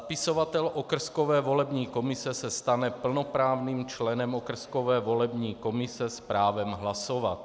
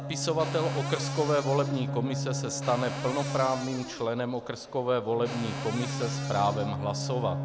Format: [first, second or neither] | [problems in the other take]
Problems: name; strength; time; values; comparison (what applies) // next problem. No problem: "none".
first | background sound (Cupboard open or close + Bowed string instrument); 4 dB below the speech